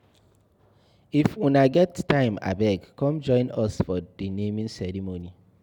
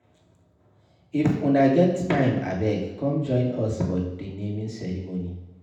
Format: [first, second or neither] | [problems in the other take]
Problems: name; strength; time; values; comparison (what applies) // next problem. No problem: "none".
first | room echo; dies away in 0.9 s